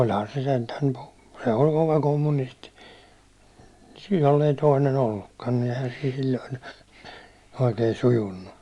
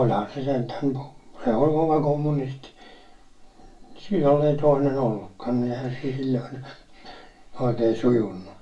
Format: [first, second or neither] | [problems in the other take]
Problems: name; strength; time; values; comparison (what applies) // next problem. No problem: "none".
first | room echo; dies away in 0.3 s